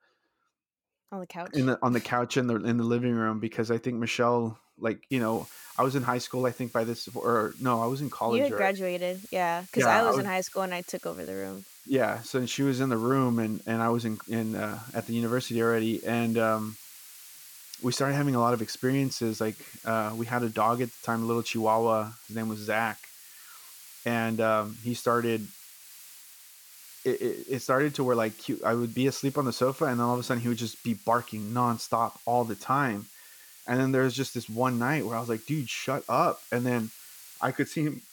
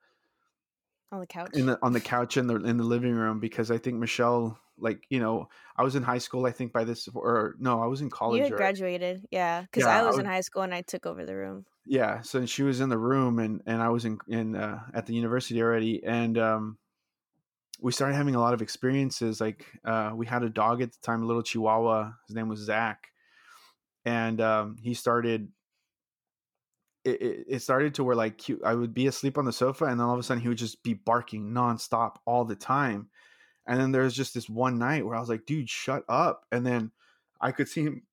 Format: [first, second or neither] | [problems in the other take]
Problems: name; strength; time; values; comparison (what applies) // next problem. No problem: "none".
second | hiss; noticeable; from 5 s on; 20 dB below the speech